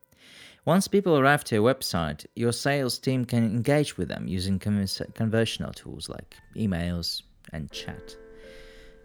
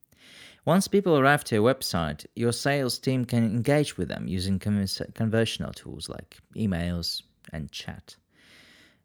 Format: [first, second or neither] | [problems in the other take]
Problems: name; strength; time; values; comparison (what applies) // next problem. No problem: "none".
second | background music; faint; throughout; 25 dB below the speech